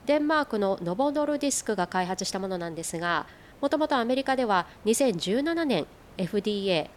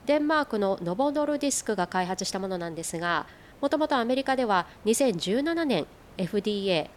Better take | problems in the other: neither | hiss; faint; throughout; 25 dB below the speech; the same in both

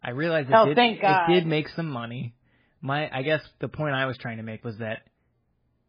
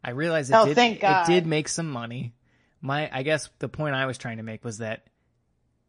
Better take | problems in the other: second | garbled, watery; badly; nothing above 5 kHz; slightly in the second

